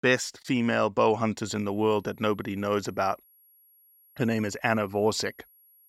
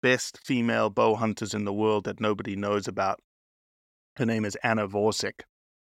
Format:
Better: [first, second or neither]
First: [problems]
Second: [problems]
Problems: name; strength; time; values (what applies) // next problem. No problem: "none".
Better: second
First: high-pitched whine; faint; from 1.5 s on; 11.5 kHz, 30 dB below the speech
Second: none